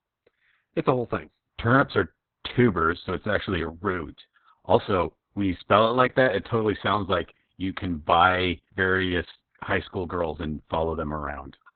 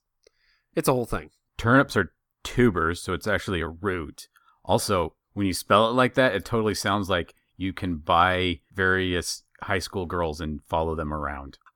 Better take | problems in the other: second | garbled, watery; badly; nothing above 3.5 kHz

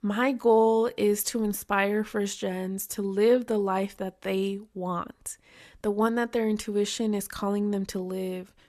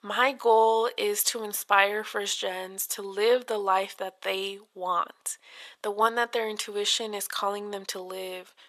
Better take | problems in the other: first | thin; very; fading below 700 Hz

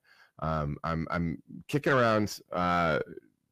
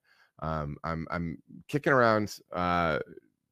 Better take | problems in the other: second | distortion; slight; 10 dB below the speech

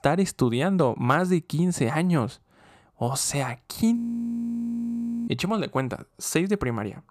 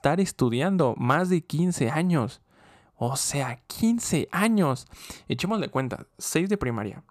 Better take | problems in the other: second | audio freezing; at 4 s for 1.5 s

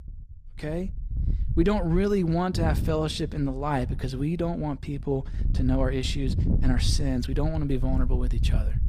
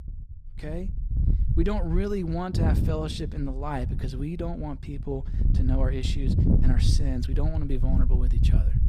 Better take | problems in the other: first | wind noise on the microphone; heavy; 5 dB below the speech; occasional gusts in the first

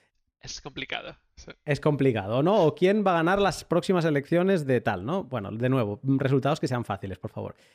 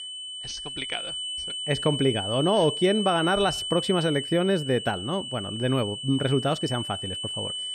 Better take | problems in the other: first | high-pitched whine; loud; throughout; 3 kHz, 5 dB below the speech

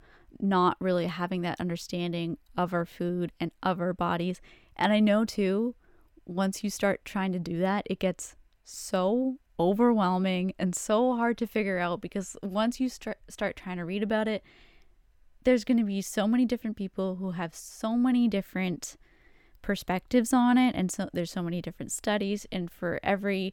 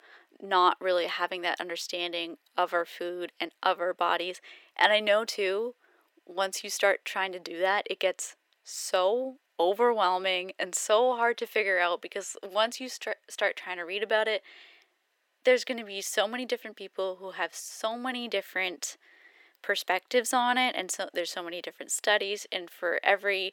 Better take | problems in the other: first | thin; very; fading below 400 Hz

